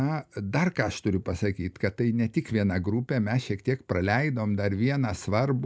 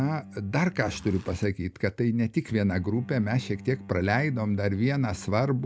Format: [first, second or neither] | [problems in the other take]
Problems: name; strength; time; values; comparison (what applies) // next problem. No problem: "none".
first | background sound (Zipper (clothing) + Bowed string instrument); 18 dB below the speech